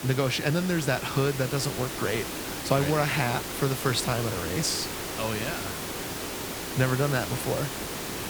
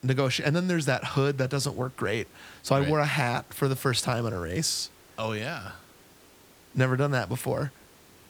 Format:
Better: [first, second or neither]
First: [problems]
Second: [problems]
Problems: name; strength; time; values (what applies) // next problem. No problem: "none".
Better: second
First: hiss; loud; throughout; 5 dB below the speech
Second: hiss; faint; throughout; 25 dB below the speech